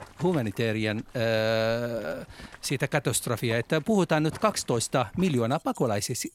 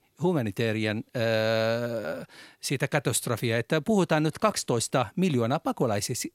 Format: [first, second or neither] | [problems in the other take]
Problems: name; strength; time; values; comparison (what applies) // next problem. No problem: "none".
second | household noises; faint; throughout; 20 dB below the speech